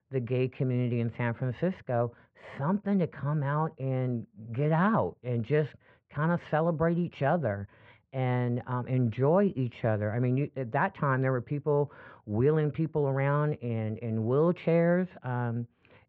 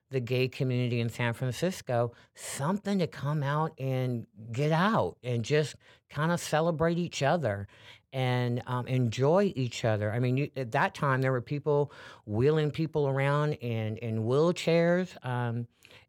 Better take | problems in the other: second | muffled; very; fading above 2 kHz

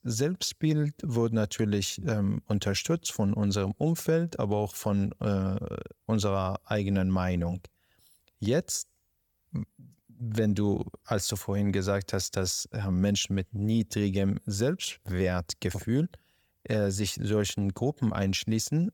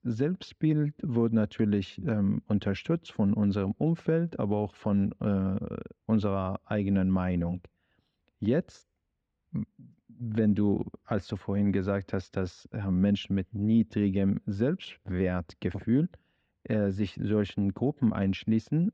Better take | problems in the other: first | muffled; very; fading above 3 kHz

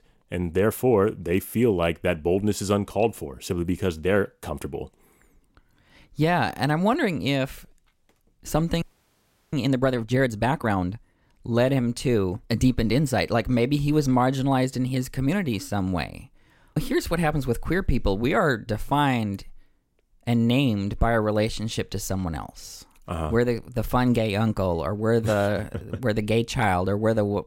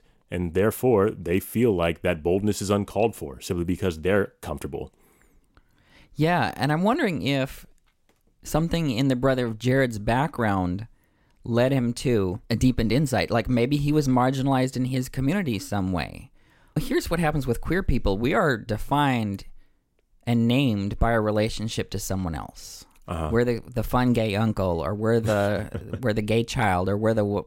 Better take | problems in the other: second | audio freezing; at 9 s for 0.5 s

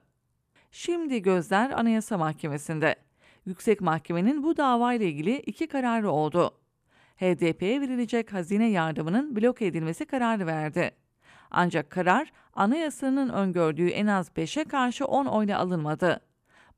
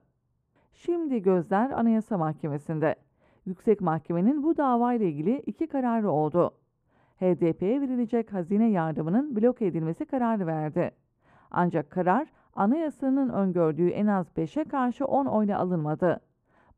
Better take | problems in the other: first | muffled; very; fading above 1.5 kHz

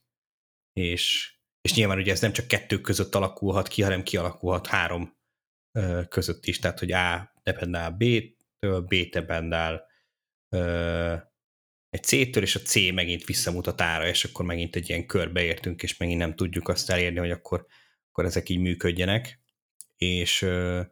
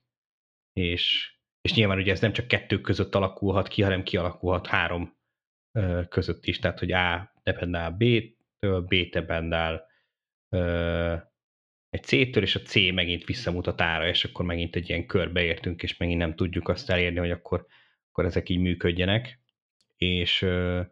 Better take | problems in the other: first | muffled; slightly; fading above 3.5 kHz

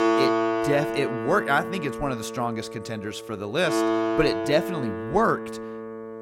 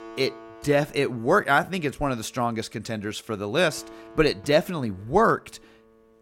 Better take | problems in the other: second | background music; loud; throughout; 2 dB below the speech; faint in the second

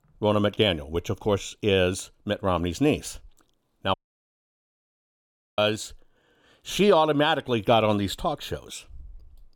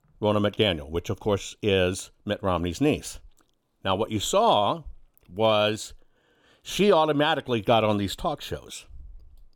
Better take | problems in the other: second | audio cutting out; at 4 s for 1.5 s

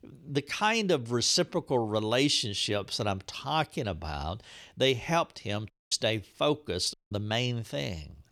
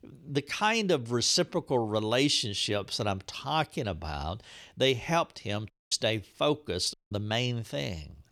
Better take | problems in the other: neither | audio cutting out; at 5.5 s and at 7 s; the same in both

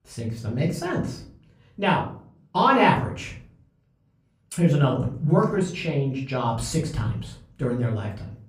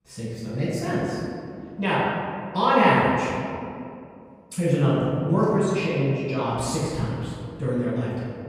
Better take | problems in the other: first | room echo; strong; dies away in 2.3 s; slight in the first // off-mic speech; far; far in the first

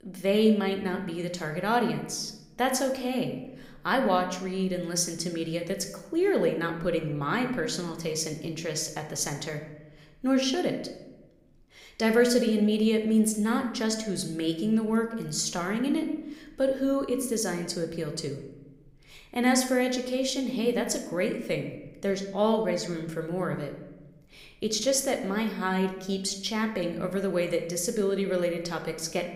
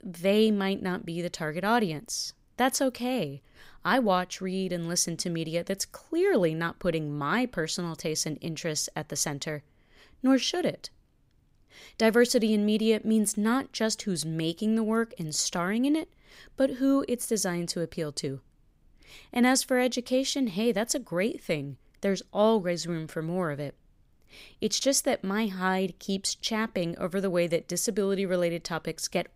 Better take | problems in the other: second | room echo; slight; dies away in 0.7 s

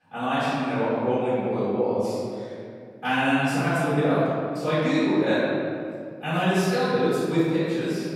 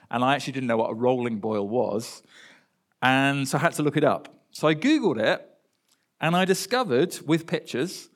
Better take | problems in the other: second | off-mic speech; far // room echo; strong; dies away in 2.2 s

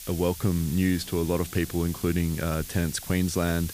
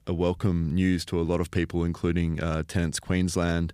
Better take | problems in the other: second | hiss; noticeable; throughout; 10 dB below the speech

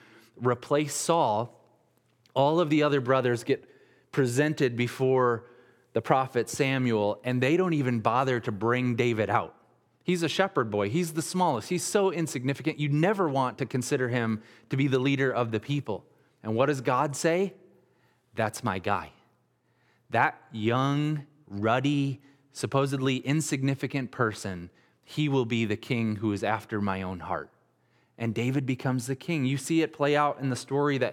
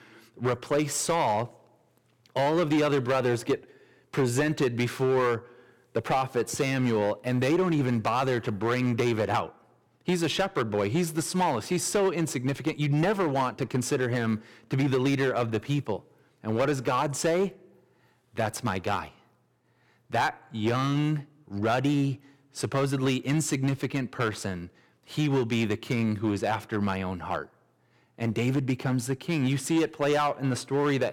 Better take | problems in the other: first | distortion; slight; 7% of the sound clipped

